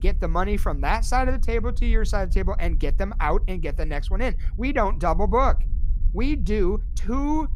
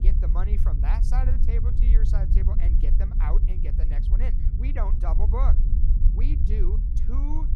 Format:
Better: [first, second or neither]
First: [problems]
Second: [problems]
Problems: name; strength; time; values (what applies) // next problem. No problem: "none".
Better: first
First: low rumble; faint; throughout; 25 dB below the speech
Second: low rumble; loud; throughout; 4 dB below the speech